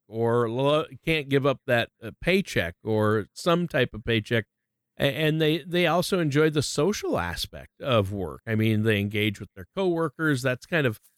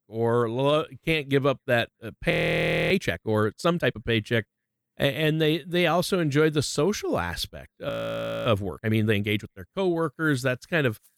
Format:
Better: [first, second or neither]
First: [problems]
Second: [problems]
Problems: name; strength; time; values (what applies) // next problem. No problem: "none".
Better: first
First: none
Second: audio freezing; at 2.5 s for 0.5 s and at 8 s for 0.5 s